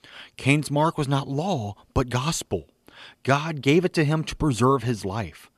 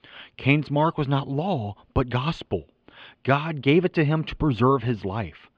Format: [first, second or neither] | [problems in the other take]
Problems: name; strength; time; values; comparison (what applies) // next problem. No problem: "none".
first | muffled; slightly; fading above 3 kHz